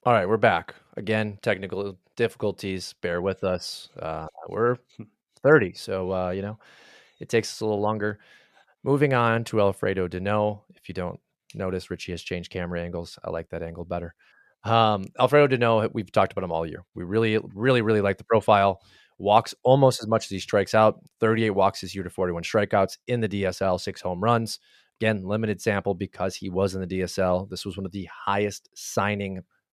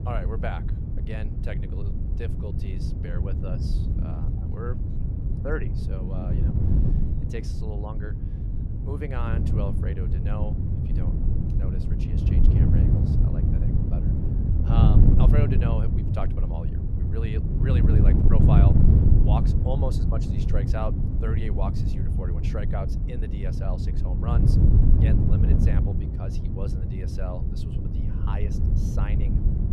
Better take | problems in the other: first | wind noise on the microphone; heavy; 1 dB above the speech

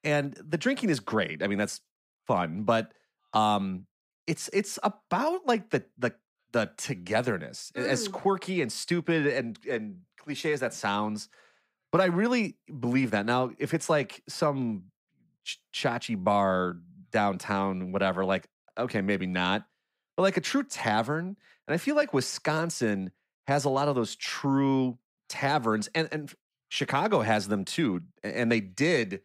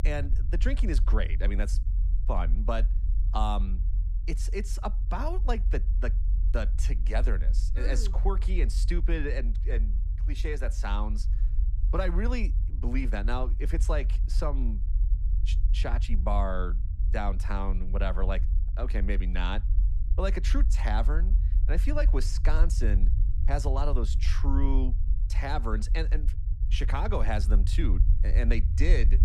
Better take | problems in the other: first | low rumble; noticeable; throughout; 15 dB below the speech

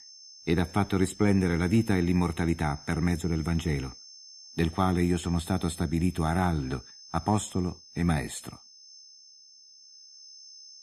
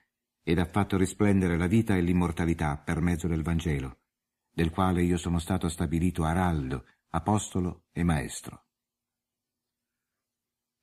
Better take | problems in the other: second | high-pitched whine; noticeable; throughout; 5.5 kHz, 20 dB below the speech

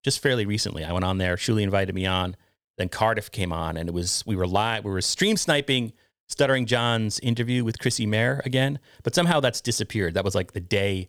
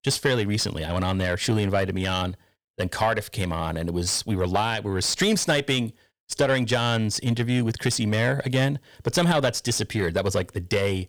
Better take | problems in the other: first | distortion; slight; 10 dB below the speech

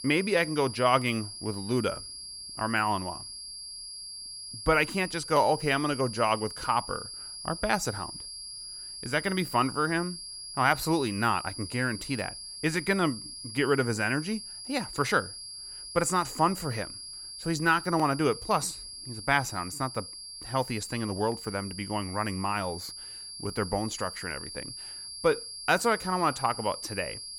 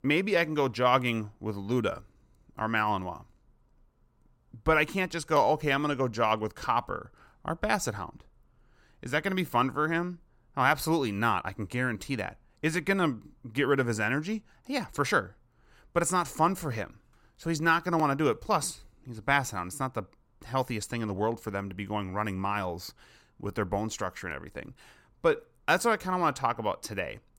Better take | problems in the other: second | high-pitched whine; loud; throughout; 4.5 kHz, 10 dB below the speech

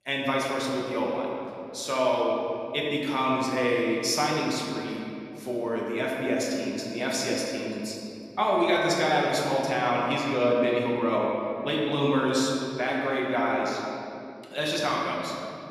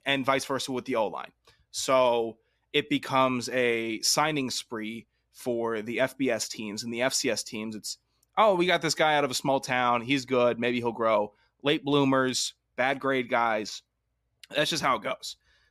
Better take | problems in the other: second | room echo; noticeable; dies away in 2.4 s // off-mic speech; far

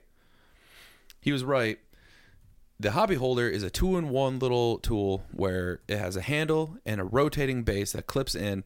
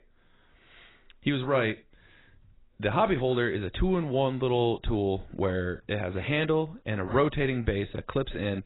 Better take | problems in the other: first | garbled, watery; badly; nothing above 4 kHz

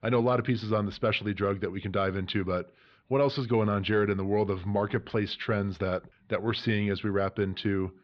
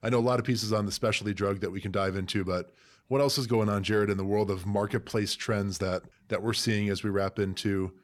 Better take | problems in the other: second | muffled; slightly; fading above 4 kHz

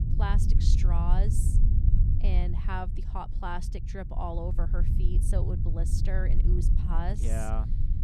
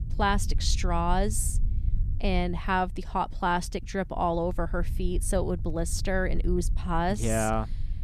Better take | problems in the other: second | low rumble; loud; throughout; 6 dB below the speech; faint in the second

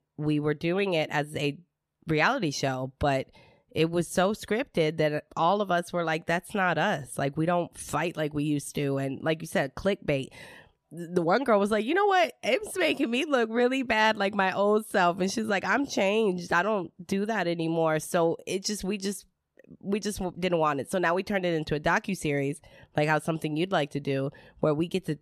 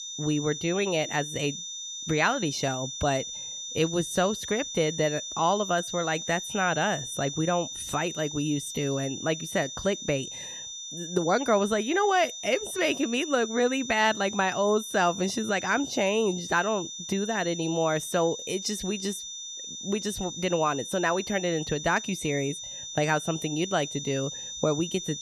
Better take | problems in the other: first | high-pitched whine; loud; throughout; 6 kHz, 7 dB below the speech

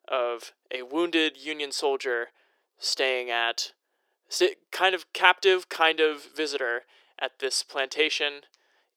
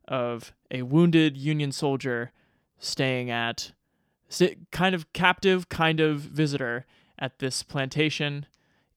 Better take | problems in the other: second | thin; very; fading below 400 Hz

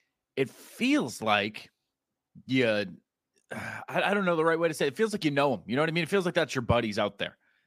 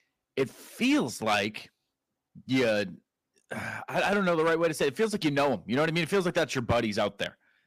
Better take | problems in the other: first | distortion; slight; 5% of the sound clipped

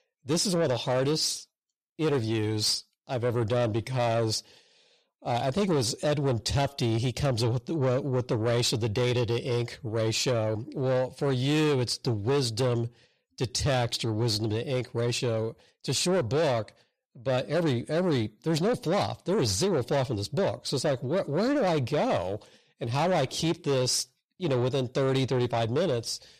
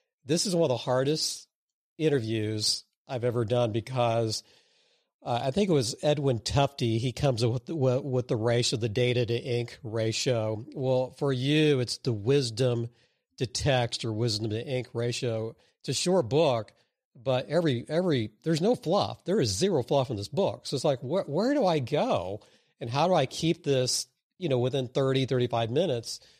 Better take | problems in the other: second | distortion; slight; 10 dB below the speech

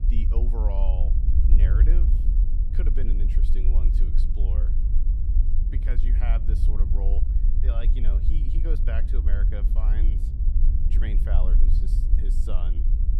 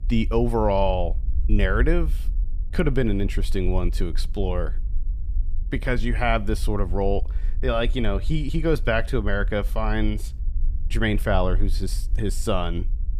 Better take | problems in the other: second | low rumble; loud; throughout; 3 dB below the speech; faint in the second

